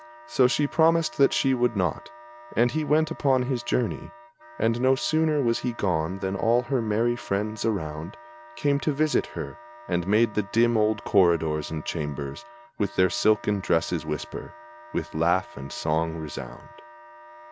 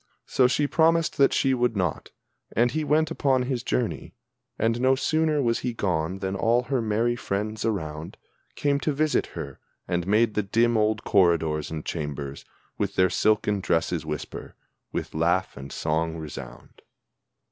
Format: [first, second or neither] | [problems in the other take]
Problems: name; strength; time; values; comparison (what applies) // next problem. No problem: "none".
second | background sound (Wind instrument, woodwind instrument); 20 dB below the speech